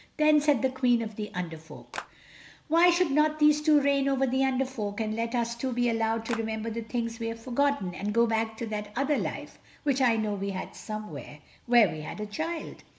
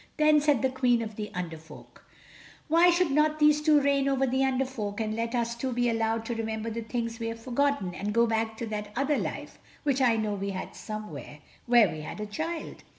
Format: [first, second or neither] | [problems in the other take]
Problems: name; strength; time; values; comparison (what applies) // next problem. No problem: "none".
second | background sound (Clapping); 11 dB below the speech